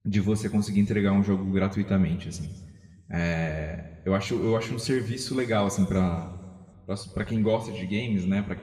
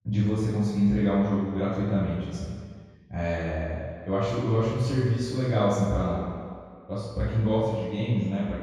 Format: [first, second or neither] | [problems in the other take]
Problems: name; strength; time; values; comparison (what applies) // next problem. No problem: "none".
first | room echo; strong; dies away in 2 s; slight in the first // off-mic speech; far